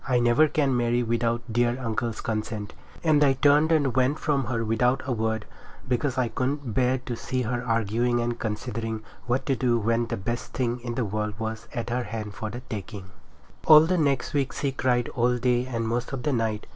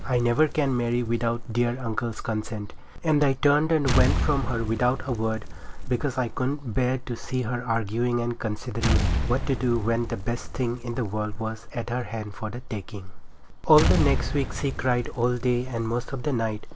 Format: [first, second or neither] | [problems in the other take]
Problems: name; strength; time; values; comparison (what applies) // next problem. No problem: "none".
first | background sound (Explosion); 6 dB below the speech